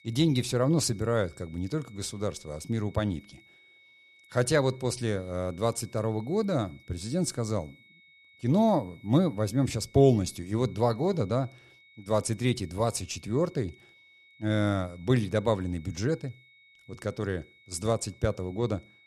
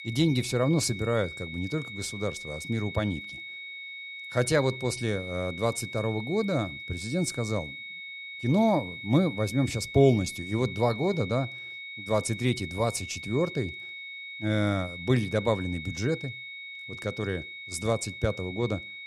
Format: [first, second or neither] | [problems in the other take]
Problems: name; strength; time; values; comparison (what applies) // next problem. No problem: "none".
first | high-pitched whine; loud; throughout; 2 kHz, 10 dB below the speech; faint in the first